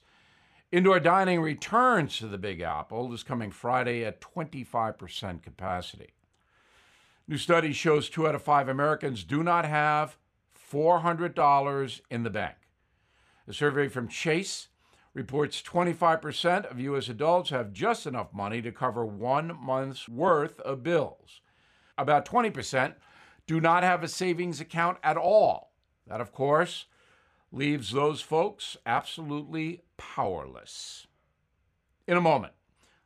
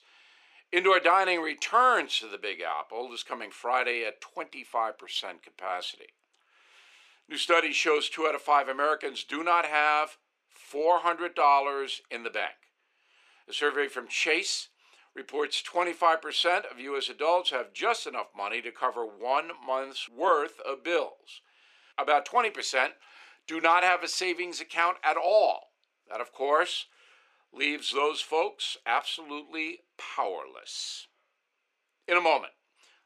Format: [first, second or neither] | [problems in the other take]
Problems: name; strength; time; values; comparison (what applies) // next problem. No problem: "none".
first | thin; very; fading below 350 Hz